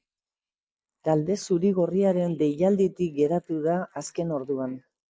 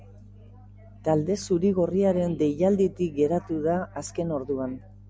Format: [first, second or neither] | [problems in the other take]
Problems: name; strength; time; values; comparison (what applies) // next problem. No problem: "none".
second | noise reduction (neural mask model Resemble Enhance denoiser)